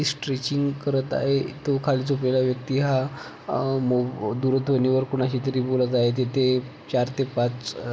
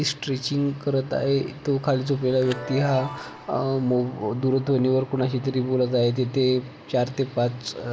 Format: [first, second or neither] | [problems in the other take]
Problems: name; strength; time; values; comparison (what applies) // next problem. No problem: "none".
first | background sound (Chime); 17 dB below the speech